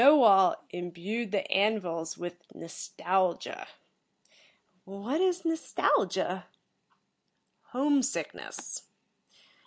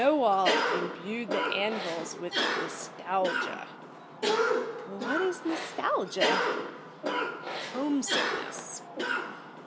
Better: first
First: none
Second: background sound (Cough); 1 dB above the speech

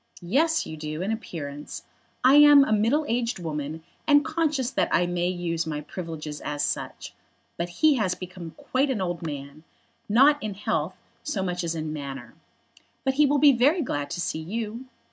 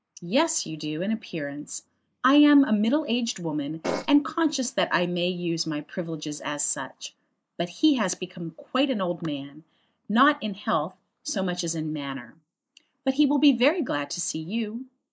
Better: first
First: none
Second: noise reduction (neural mask model Resemble Enhance denoiser)

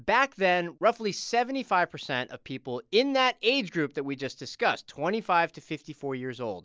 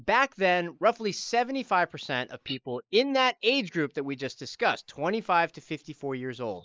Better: first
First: none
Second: noise reduction (neural mask model Resemble Enhance denoiser)

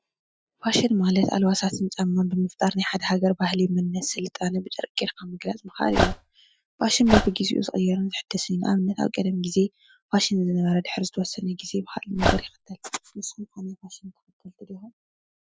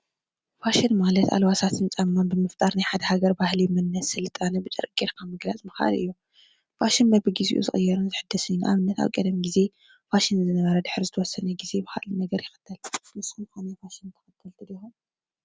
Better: second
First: noise reduction (classical method Wiener filter)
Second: none

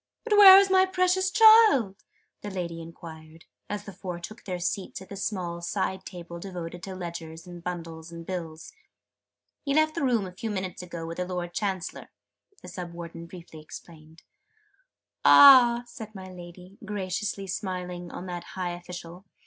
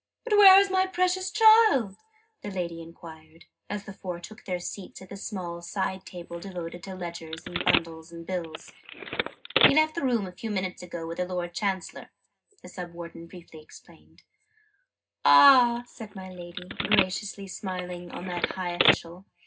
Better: first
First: none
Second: background sound (Telephone); 3 dB below the speech // room echo; dies away in 0.2 s

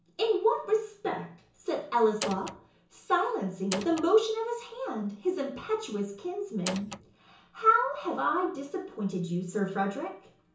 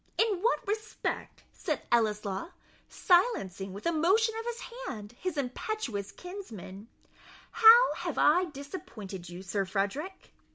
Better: second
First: background sound (Door); 7 dB below the speech // room echo; dies away in 0.7 s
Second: none

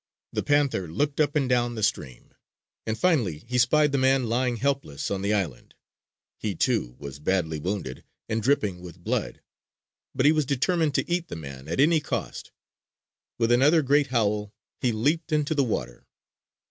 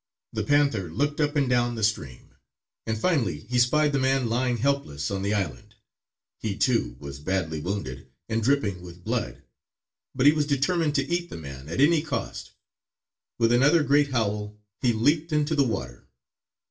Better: first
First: none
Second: room echo; dies away in 0.2 s

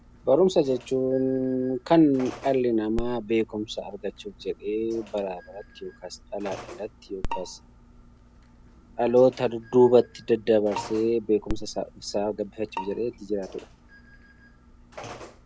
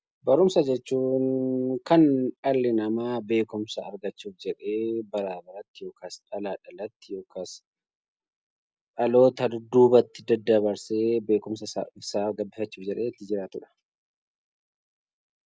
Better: second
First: background sound (Bowed string instrument + Telephone); 14 dB below the speech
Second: none

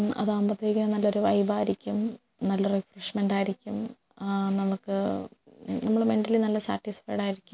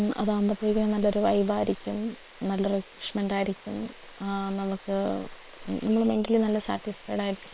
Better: first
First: none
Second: noise reduction (neural separator model SepFormer WHAM!)

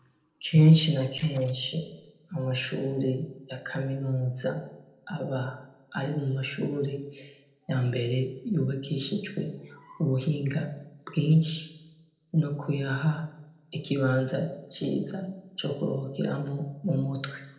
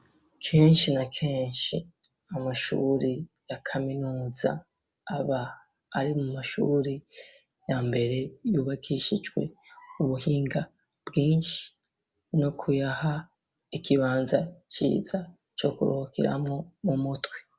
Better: second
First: noise reduction (neural separator model SepFormer DNS4)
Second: none

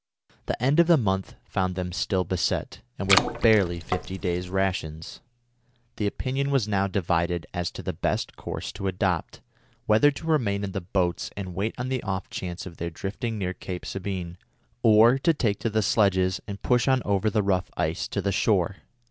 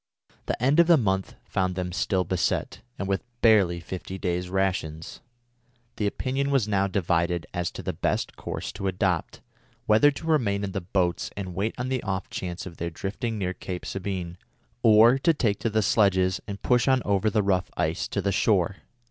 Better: second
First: background sound (Water / Splash, splatter); 3 dB below the speech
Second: none

